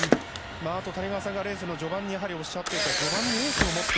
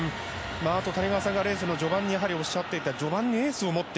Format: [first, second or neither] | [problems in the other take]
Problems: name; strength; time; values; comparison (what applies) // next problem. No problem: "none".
second | background sound (Camera); 2 dB above the speech